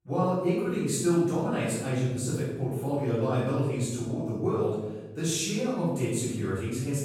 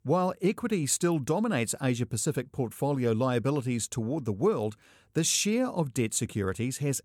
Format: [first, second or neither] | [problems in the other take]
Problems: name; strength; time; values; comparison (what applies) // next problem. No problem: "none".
second | room echo; strong; dies away in 1.1 s // off-mic speech; far